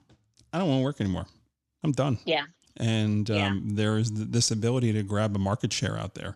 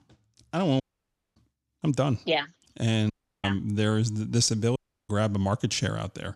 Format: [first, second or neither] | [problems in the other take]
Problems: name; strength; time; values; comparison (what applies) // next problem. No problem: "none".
first | audio cutting out; at 1 s for 0.5 s, at 3 s and at 5 s